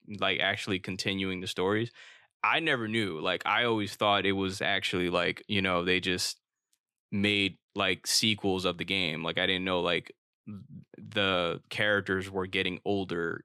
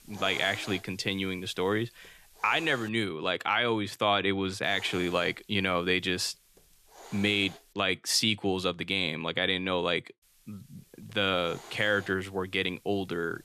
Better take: first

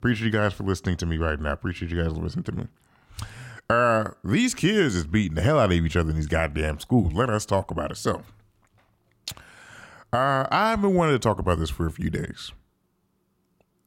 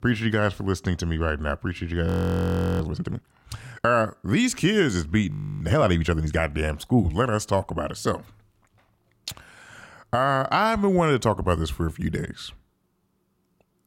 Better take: first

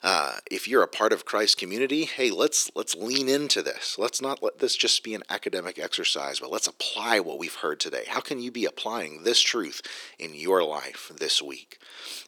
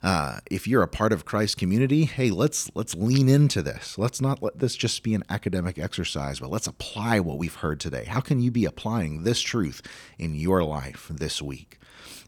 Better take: second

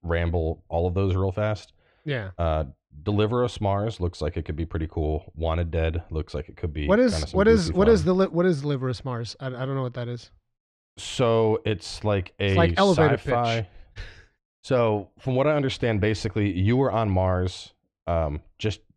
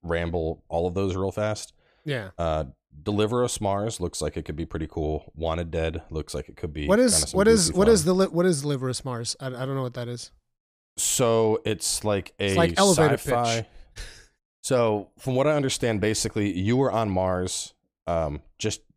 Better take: second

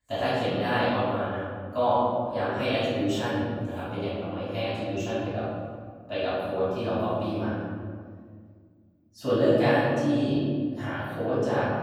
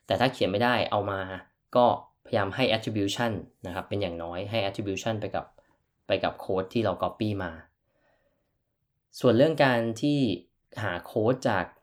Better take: second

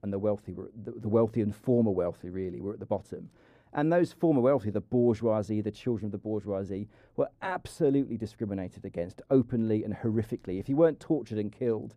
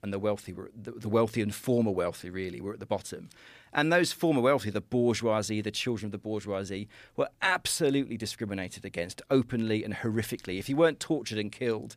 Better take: second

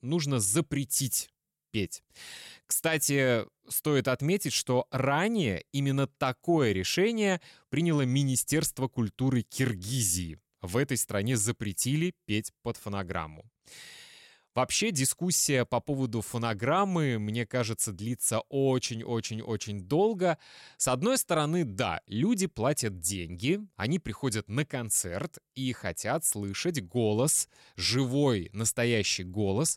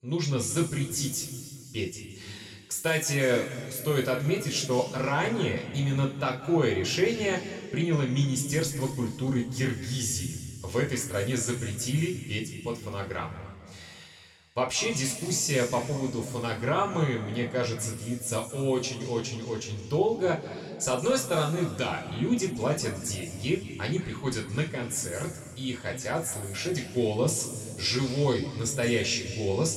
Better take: first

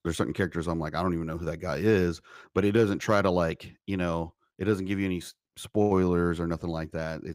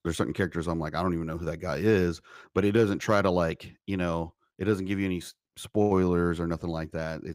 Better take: neither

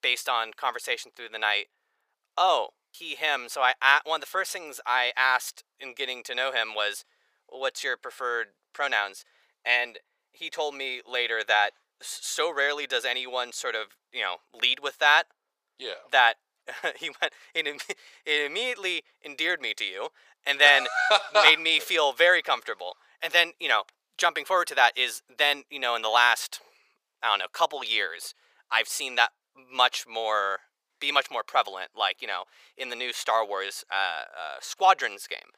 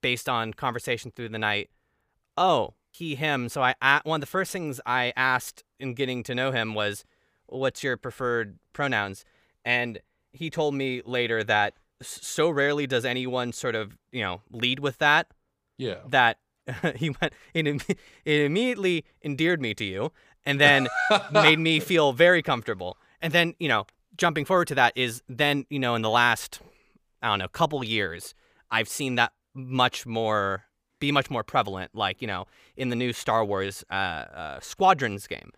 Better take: second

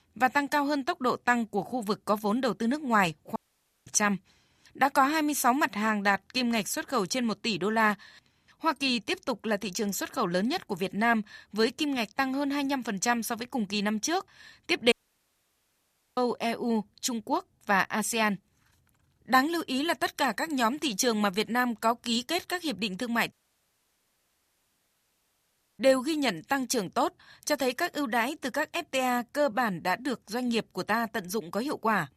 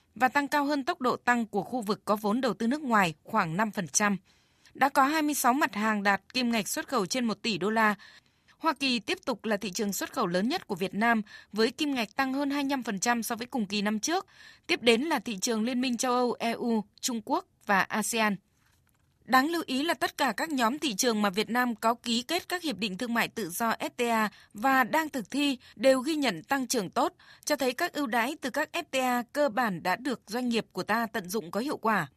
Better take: second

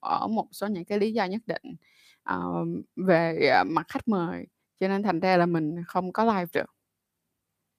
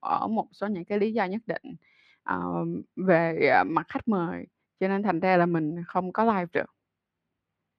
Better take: first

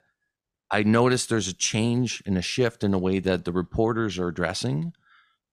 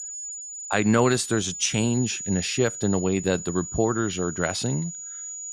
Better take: first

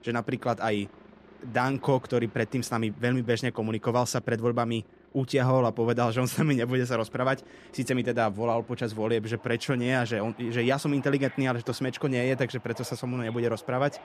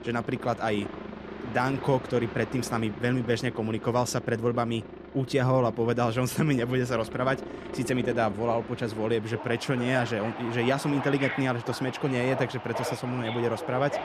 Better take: first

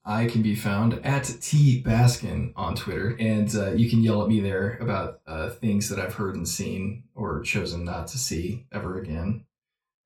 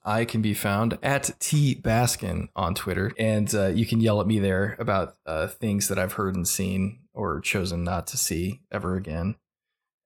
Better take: second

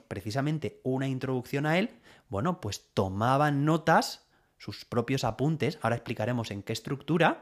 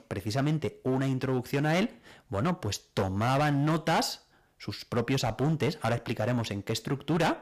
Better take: first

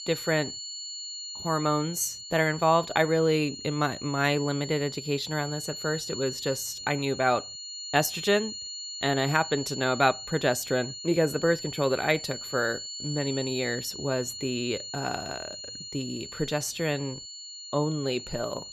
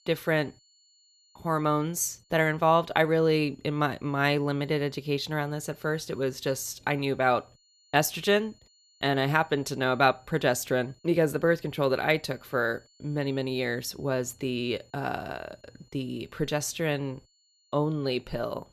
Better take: second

